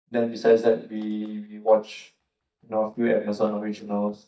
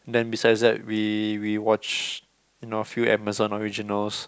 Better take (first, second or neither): second